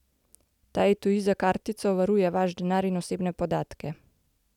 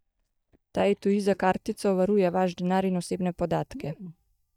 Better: first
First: none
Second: noise reduction (neural mask model DeepFilterNet 3)

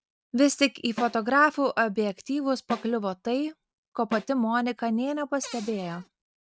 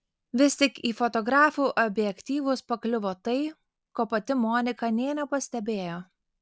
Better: second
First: noise reduction (neural mask model RNNoise)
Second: none

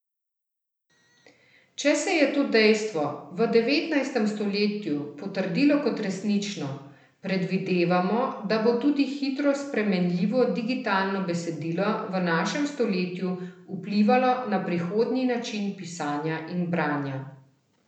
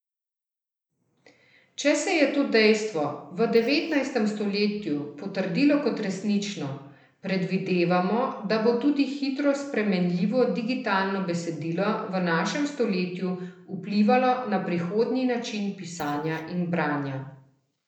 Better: first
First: none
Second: noise reduction (neural mask model Resemble Enhance denoiser)

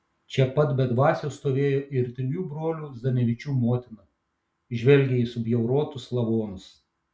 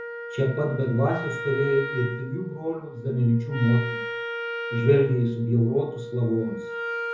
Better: first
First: none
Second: background sound (Wind instrument, woodwind instrument); 9 dB below the speech // room echo; dies away in 0.6 s

